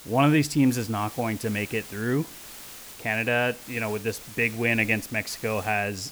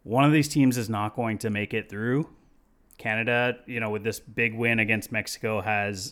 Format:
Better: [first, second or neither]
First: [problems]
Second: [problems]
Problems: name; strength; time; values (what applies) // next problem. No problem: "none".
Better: second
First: hiss; noticeable; throughout; 15 dB below the speech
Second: none